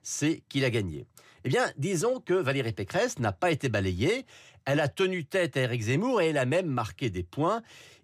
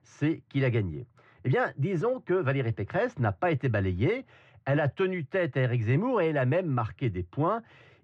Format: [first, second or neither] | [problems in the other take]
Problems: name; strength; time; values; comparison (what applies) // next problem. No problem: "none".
first | muffled; very; fading above 2 kHz